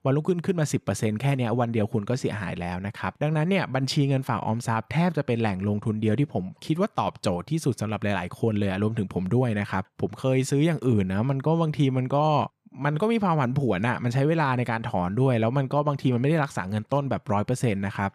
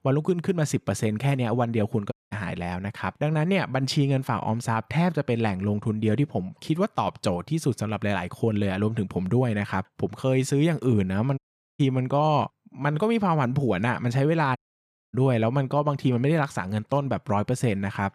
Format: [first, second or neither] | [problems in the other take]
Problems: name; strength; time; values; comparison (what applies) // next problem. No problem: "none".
first | audio cutting out; at 2 s, at 11 s and at 15 s for 0.5 s